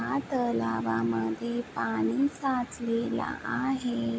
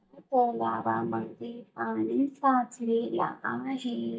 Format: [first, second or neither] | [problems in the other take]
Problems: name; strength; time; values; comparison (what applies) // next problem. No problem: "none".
first | noise reduction (neural mask model DeepFilterNet 3)